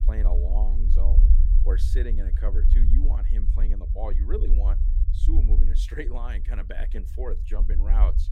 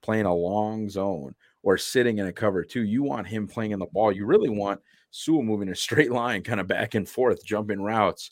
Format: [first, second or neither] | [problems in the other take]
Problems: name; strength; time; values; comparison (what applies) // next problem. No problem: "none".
second | low rumble; loud; throughout; 6 dB below the speech